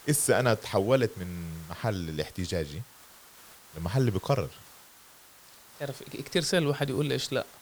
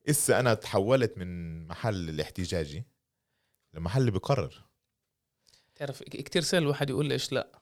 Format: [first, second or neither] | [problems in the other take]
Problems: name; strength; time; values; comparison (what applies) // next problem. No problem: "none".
second | hiss; faint; throughout; 20 dB below the speech